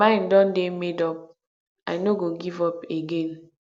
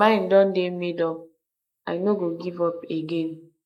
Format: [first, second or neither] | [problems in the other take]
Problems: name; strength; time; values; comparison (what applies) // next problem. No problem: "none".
first | noise reduction (neural mask model Resemble Enhance denoiser)